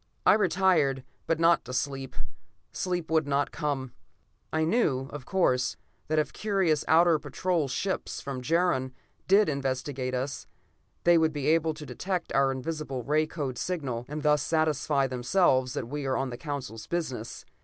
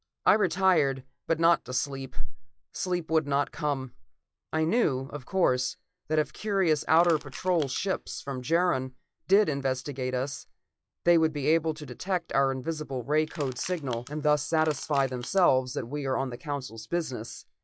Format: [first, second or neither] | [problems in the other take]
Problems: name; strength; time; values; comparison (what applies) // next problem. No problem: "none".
first | noise reduction (classical method log-MMSE)